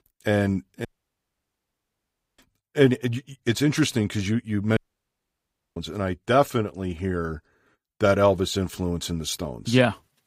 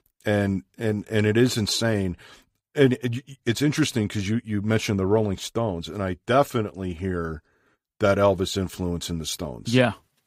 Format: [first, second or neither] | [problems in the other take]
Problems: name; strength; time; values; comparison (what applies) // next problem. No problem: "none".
second | audio cutting out; at 1 s for 1.5 s and at 5 s for 1 s